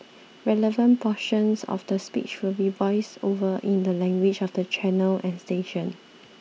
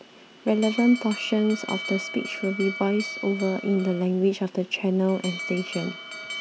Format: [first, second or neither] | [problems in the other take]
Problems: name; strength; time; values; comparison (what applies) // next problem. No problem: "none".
first | background sound (Alarm); 12 dB below the speech